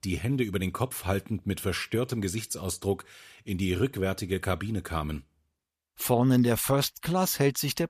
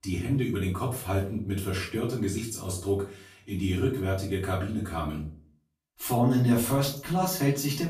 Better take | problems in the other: first | off-mic speech; far // room echo; slight; dies away in 0.4 s

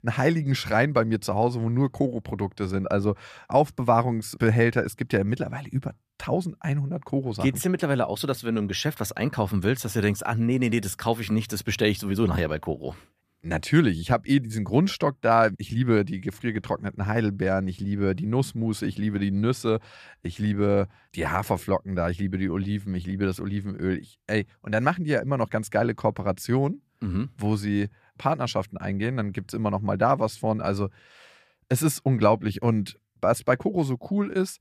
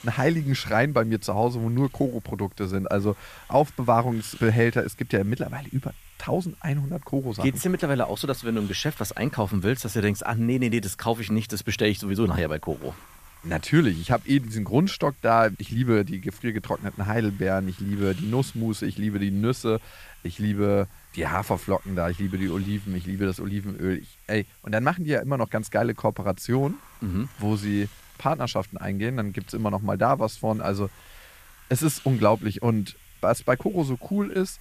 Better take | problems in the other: first | hiss; faint; throughout; 25 dB below the speech

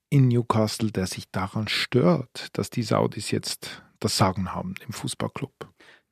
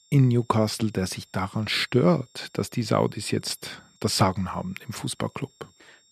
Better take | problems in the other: first | high-pitched whine; faint; throughout; 7.5 kHz, 30 dB below the speech

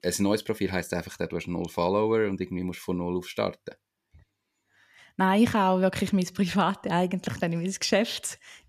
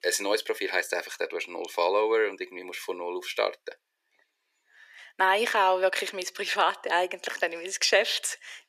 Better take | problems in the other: first | thin; very; fading below 400 Hz

